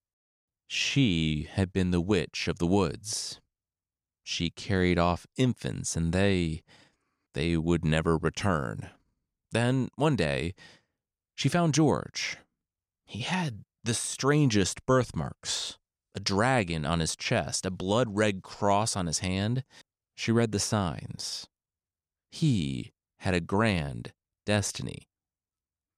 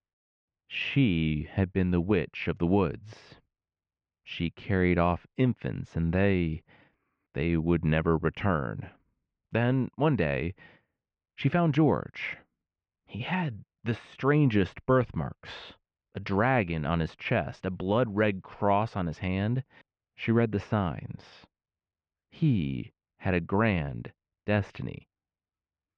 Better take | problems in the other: first | muffled; very; fading above 2.5 kHz

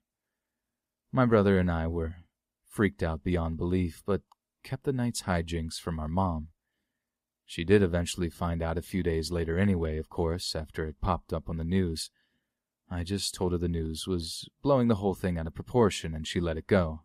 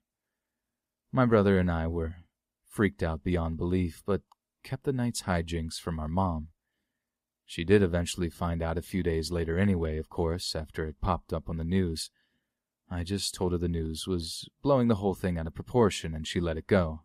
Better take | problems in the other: neither | none

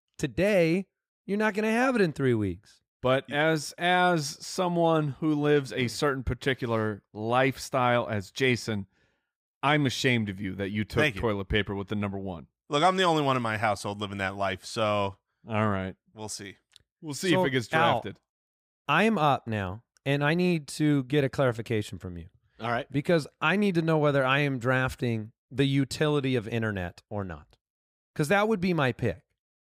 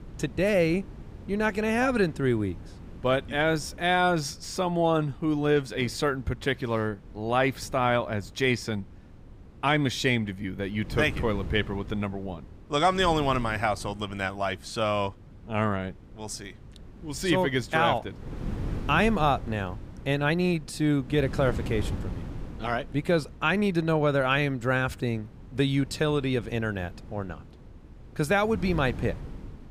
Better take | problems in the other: first | wind noise on the microphone; occasional gusts; 20 dB below the speech

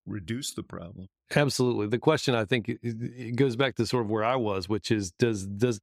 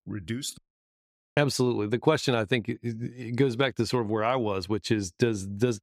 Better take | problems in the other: first | audio cutting out; at 0.5 s for 1 s

